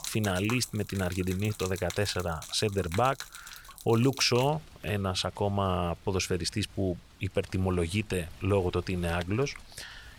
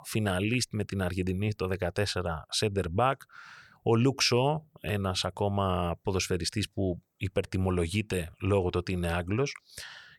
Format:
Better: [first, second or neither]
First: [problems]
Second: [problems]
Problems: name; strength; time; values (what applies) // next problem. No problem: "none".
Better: second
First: rain or running water; noticeable; throughout; 15 dB below the speech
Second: none